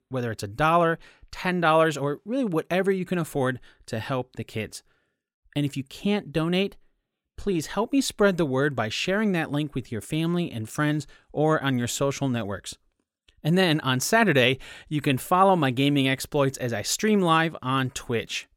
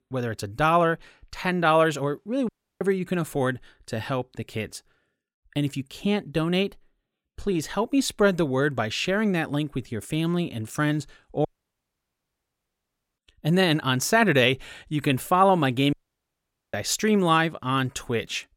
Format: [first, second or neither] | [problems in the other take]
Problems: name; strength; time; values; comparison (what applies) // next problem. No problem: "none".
first | audio cutting out; at 2.5 s, at 11 s for 1.5 s and at 16 s for 1 s